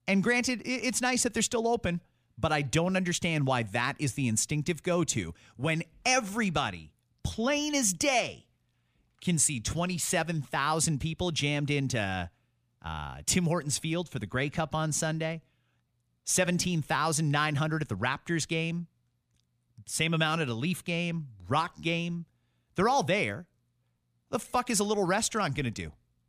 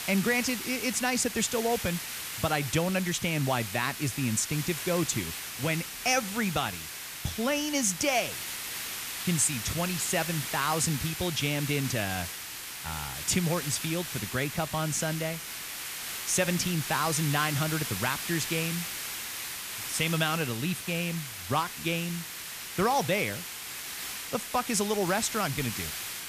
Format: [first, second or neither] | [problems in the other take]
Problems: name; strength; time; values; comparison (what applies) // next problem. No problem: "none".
first | hiss; loud; throughout; 5 dB below the speech